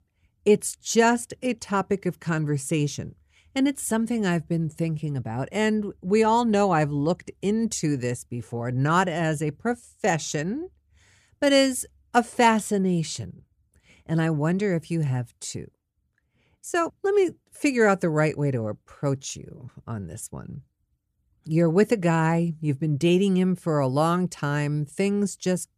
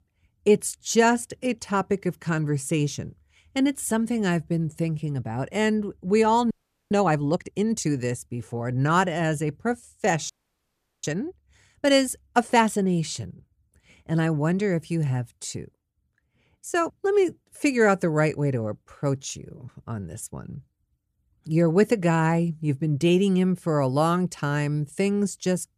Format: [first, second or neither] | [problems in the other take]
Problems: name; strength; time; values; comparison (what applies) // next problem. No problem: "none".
first | audio freezing; at 6.5 s and at 10 s for 0.5 s